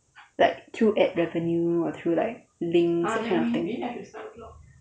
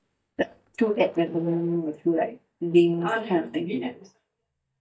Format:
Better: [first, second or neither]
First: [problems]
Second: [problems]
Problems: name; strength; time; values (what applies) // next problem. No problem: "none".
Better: first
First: none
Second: noise reduction (neural mask model DeepFilterNet 3)